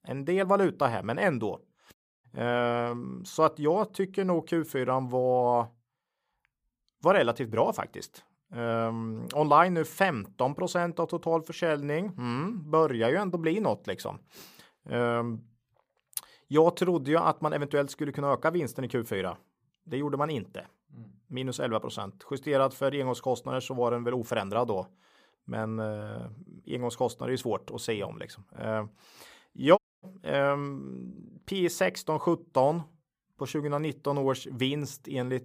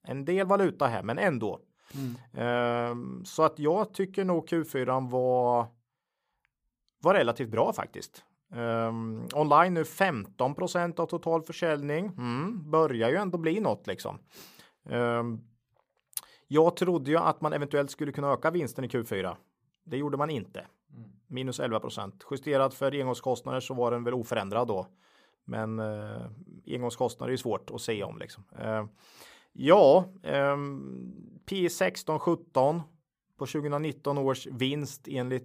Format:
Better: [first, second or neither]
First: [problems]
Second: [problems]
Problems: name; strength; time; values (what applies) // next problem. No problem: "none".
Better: second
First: audio cutting out; at 2 s and at 30 s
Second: none